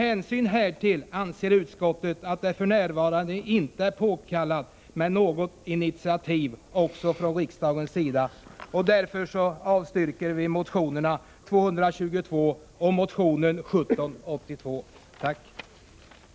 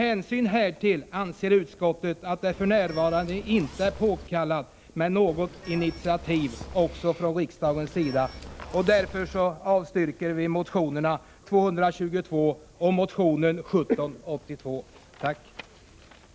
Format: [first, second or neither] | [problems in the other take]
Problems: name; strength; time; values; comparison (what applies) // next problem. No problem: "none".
first | background sound (Zipper (clothing) / Telephone); 15 dB below the speech